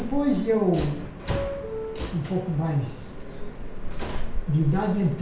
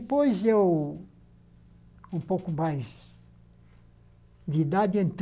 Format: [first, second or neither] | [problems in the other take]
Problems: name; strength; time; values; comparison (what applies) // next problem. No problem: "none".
second | background sound (Subway, metro, underground); 3 dB below the speech // room echo; dies away in 0.5 s